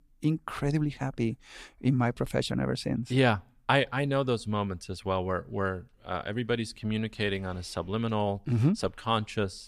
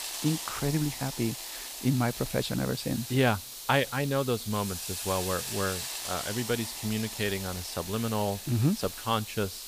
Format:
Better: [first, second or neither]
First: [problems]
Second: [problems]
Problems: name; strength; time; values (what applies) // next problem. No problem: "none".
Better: first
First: none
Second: hiss; loud; throughout; 6 dB below the speech